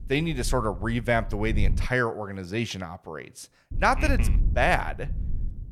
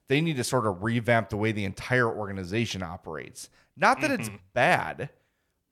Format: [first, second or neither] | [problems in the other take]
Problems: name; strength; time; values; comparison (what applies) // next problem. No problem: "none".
second | wind noise on the microphone; occasional gusts; until 2 s and from 3.5 s on; 20 dB below the speech